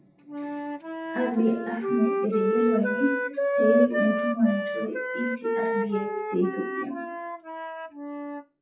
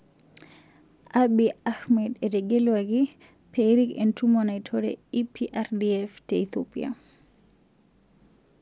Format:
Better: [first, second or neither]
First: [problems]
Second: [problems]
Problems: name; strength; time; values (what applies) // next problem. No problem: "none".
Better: second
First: noise reduction (classical method WPE with log-MMSE)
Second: none